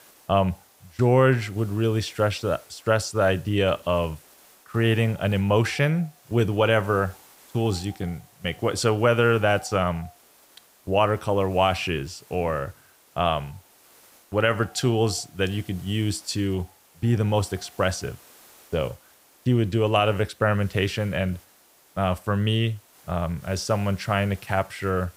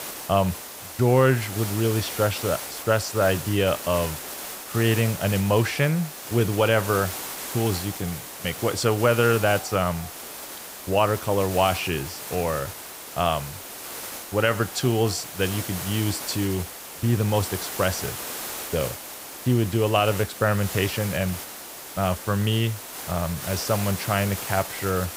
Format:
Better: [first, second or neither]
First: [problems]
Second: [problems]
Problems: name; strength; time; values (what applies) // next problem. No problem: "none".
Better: first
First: hiss; faint; throughout; 25 dB below the speech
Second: hiss; loud; throughout; 9 dB below the speech